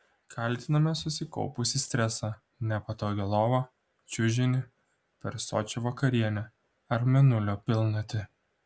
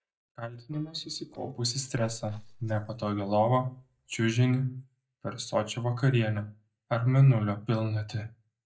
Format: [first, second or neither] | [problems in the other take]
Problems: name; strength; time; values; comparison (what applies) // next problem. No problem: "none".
first | noise reduction (neural mask model DeepFilterNet 3)